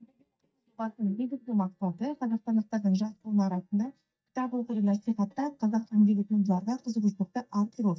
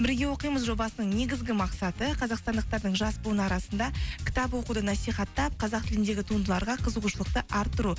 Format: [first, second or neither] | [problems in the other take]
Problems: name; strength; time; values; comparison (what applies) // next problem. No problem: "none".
second | noise reduction (neural mask model DeepFilterNet 3)